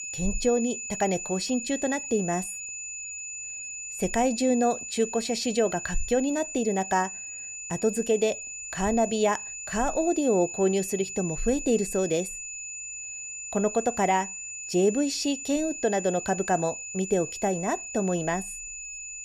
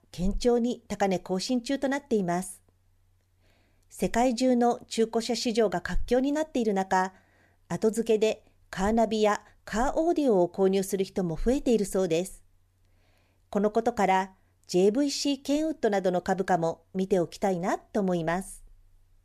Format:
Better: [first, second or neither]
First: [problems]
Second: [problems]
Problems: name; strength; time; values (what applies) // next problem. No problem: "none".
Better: second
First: high-pitched whine; loud; throughout; 7 kHz, 7 dB below the speech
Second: none